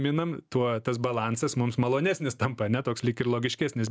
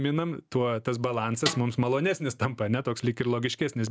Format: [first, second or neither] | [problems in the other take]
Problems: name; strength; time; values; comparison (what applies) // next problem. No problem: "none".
first | background sound (Snare drum); 8 dB below the speech